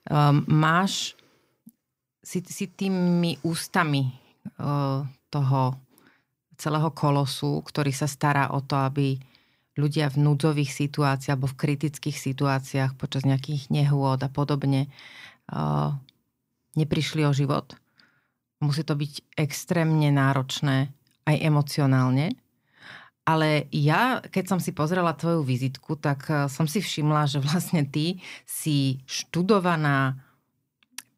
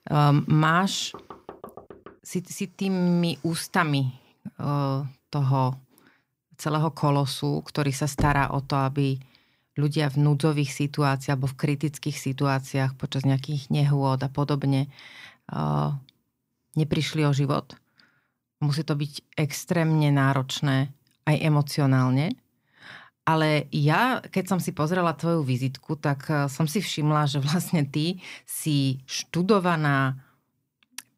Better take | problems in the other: first | door banging; faint; from 1 to 2 s; peak 20 dB below the speech // door banging; noticeable; at 8 s; peak 7 dB below the speech

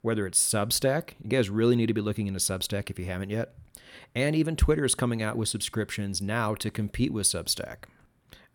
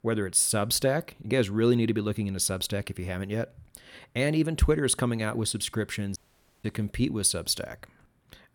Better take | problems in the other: first | audio cutting out; at 6 s

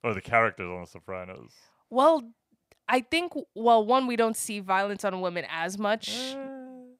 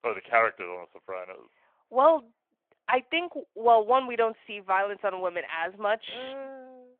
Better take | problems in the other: first | phone-call audio

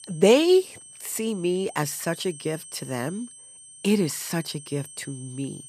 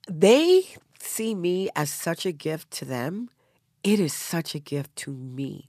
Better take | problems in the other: second | high-pitched whine; noticeable; throughout; 8.5 kHz, 15 dB below the speech

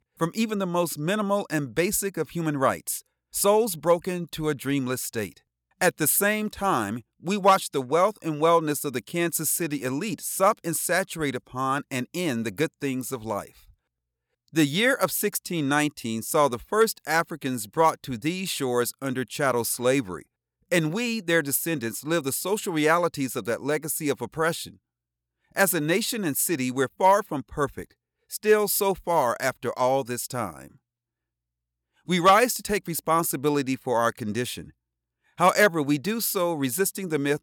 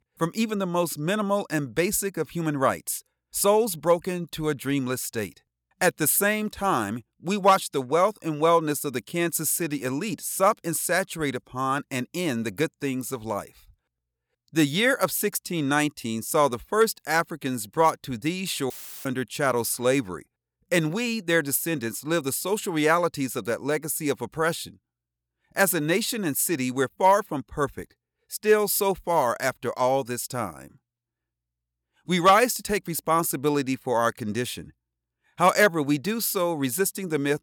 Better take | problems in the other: first | audio cutting out; filled with static; at 19 s

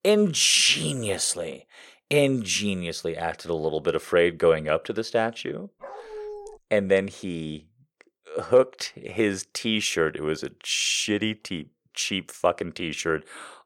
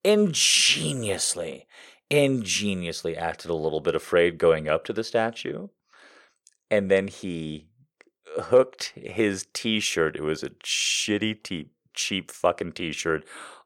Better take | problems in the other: second | dog barking; faint; at 6 s; peak 15 dB below the speech

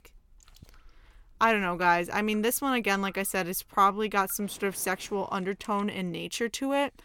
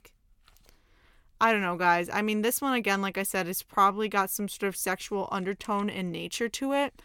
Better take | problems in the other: second | rain or running water; faint; until 5.5 s; 30 dB below the speech

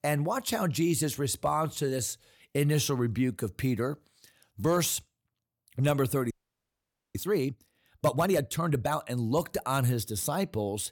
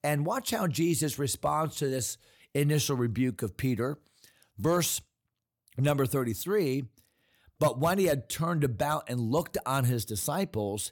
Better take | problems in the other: second | audio freezing; at 6.5 s for 1 s

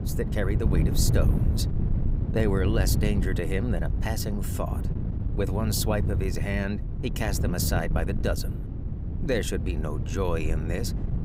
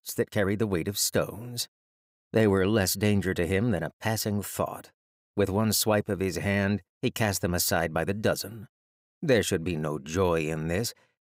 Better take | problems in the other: second | wind noise on the microphone; heavy; 8 dB below the speech

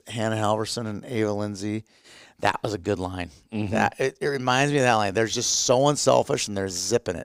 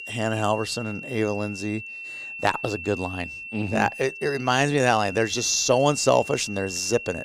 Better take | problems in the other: first | high-pitched whine; noticeable; throughout; 2.5 kHz, 10 dB below the speech

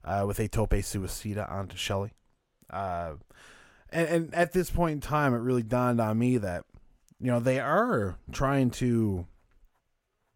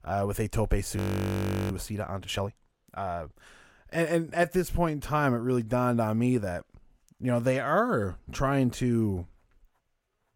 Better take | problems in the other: first | audio freezing; at 1 s for 0.5 s

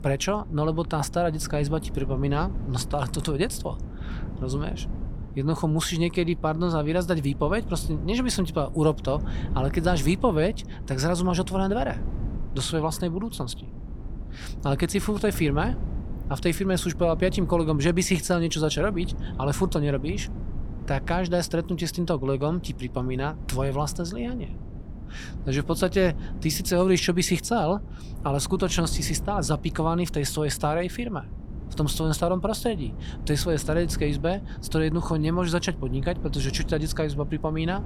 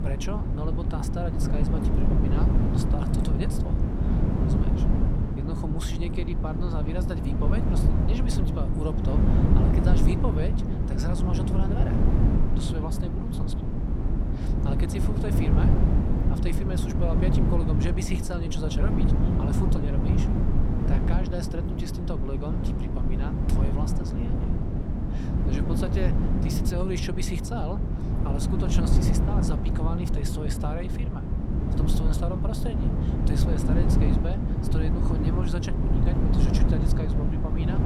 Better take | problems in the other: first | wind noise on the microphone; heavy; 2 dB above the speech; occasional gusts in the first

